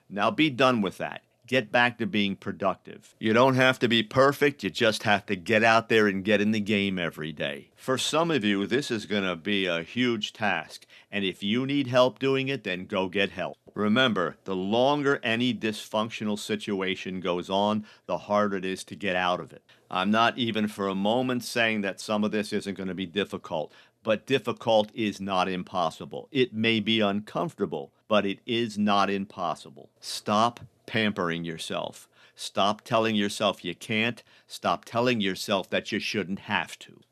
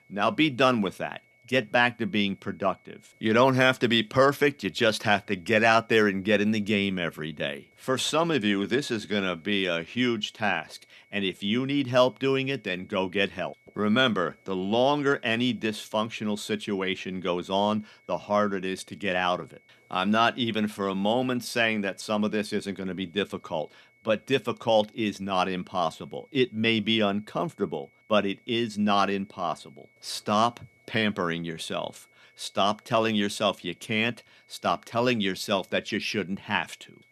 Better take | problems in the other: first | high-pitched whine; faint; throughout; 2 kHz, 35 dB below the speech

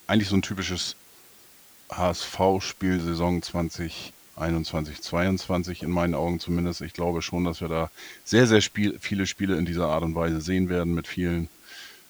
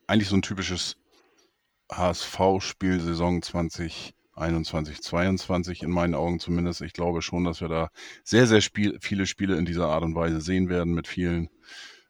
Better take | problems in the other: second | hiss; faint; throughout; 25 dB below the speech

